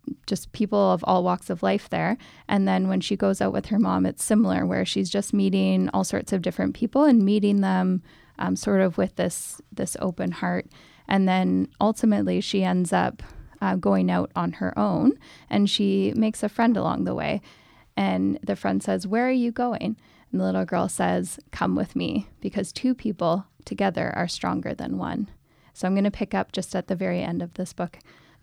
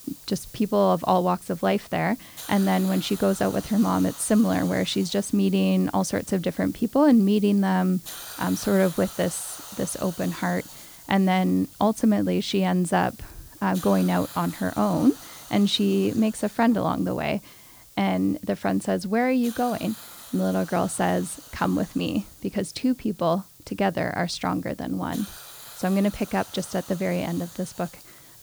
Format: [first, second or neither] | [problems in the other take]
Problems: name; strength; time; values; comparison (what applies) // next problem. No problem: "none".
first | hiss; noticeable; throughout; 15 dB below the speech